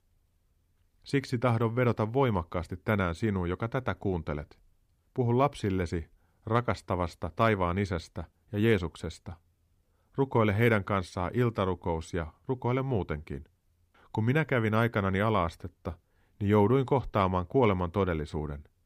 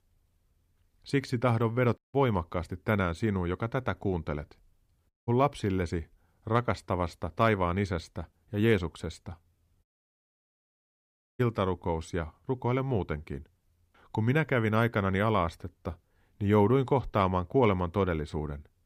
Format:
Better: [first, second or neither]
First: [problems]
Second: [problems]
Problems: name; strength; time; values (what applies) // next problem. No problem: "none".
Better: first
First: none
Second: audio cutting out; at 2 s, at 5 s and at 10 s for 1.5 s